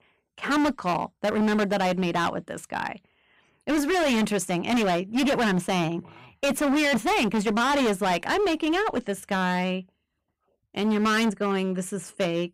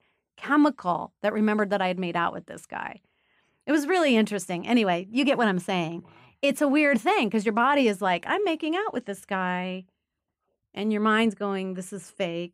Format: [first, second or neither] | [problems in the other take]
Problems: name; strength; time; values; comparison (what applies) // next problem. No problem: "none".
second | distortion; heavy; 21% of the sound clipped